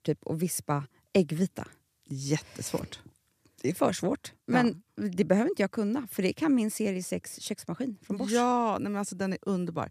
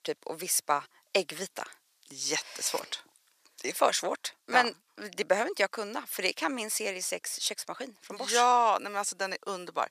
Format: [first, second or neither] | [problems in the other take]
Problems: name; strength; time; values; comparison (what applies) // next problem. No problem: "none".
first | thin; very; fading below 800 Hz